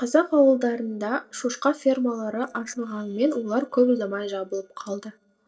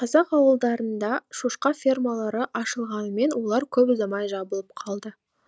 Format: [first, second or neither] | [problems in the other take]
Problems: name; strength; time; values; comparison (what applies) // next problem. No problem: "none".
second | noise reduction (neural separator model SepFormer DNS4)